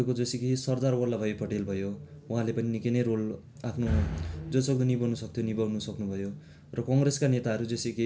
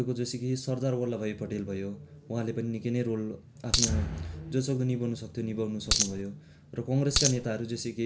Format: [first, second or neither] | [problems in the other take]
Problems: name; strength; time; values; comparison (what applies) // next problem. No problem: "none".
first | background sound (Coin (dropping)); 3 dB above the speech